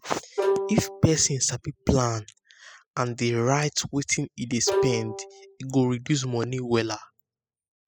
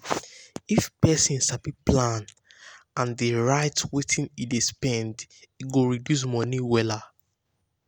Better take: second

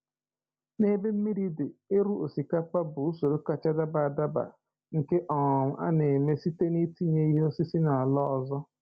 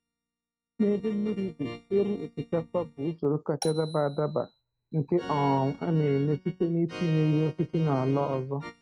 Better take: first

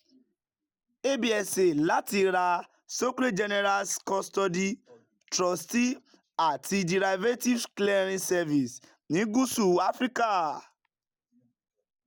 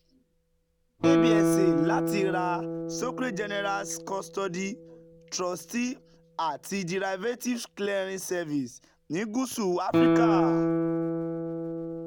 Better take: first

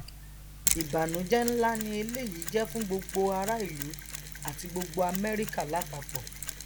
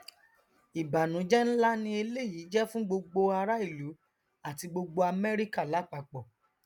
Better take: second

